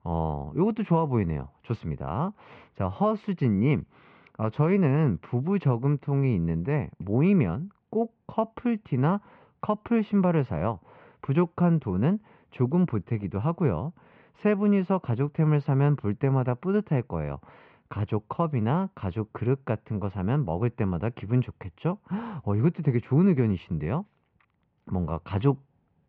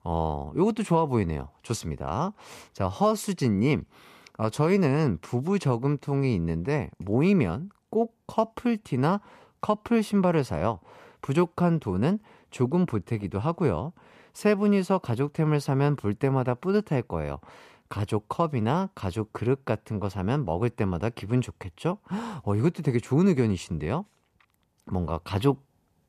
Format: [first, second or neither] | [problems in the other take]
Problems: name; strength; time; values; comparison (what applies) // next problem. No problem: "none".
second | muffled; very; fading above 3 kHz